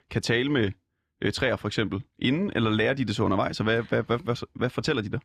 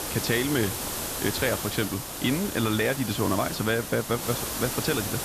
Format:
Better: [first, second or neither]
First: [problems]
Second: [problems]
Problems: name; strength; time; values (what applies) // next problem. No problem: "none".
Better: first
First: none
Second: hiss; loud; throughout; 4 dB below the speech